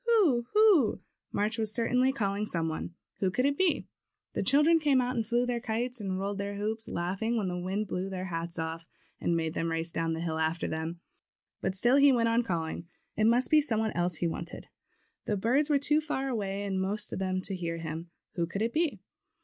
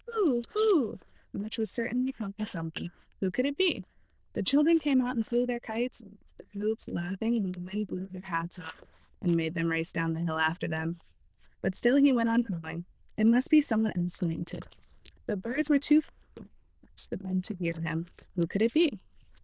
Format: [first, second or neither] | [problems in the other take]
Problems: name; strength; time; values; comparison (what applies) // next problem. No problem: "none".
first | noise reduction (neural diffusion model UNIVERSE++)